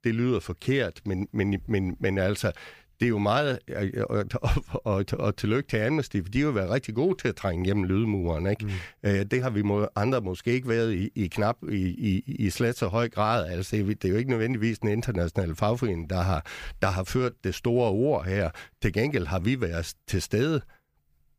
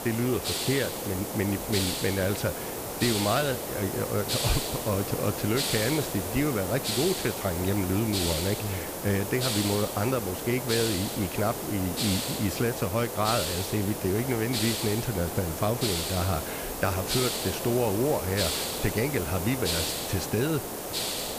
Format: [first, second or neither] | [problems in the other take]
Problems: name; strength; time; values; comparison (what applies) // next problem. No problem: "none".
first | hiss; loud; throughout; 1 dB below the speech